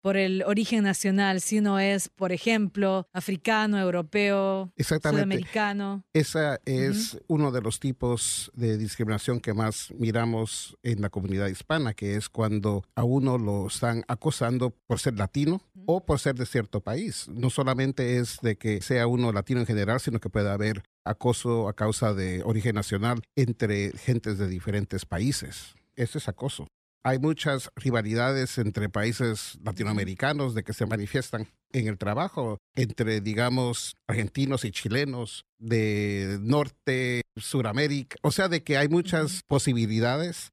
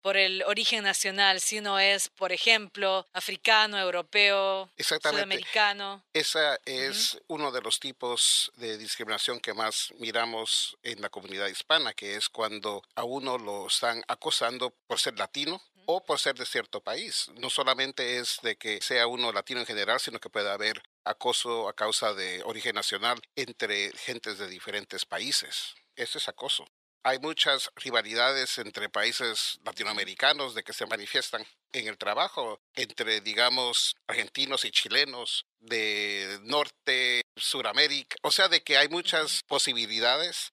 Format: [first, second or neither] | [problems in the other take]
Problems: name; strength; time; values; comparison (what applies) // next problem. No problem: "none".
first | thin; very; fading below 650 Hz